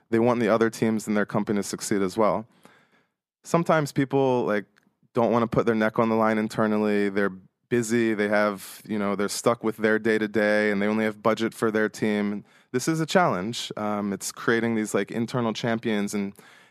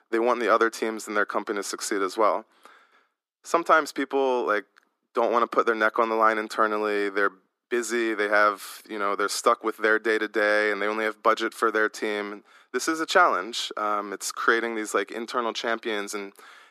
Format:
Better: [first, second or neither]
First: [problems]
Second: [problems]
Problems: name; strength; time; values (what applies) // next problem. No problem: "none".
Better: first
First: none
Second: thin; somewhat; fading below 300 Hz